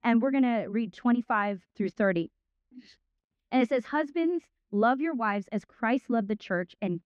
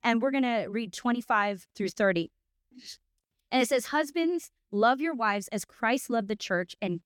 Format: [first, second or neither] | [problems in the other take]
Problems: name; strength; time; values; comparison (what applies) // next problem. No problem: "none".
second | muffled; slightly; fading above 2.5 kHz